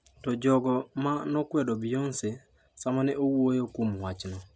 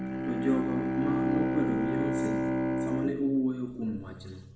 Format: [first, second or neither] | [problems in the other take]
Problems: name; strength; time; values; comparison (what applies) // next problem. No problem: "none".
first | background sound (Bowed string instrument); 2 dB above the speech // room echo; dies away in 0.7 s